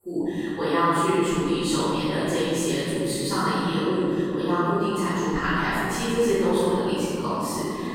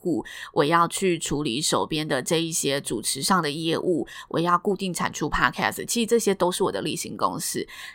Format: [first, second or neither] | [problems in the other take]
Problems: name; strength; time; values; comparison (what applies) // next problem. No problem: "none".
second | off-mic speech; far // room echo; strong; dies away in 3 s